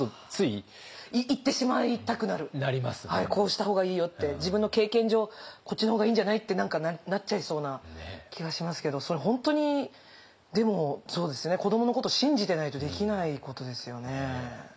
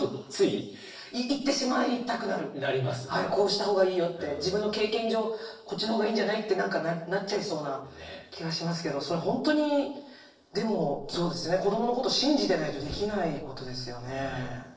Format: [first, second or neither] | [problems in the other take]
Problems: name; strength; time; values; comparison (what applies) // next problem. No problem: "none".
first | noise reduction (neural separator model SepFormer DNS4)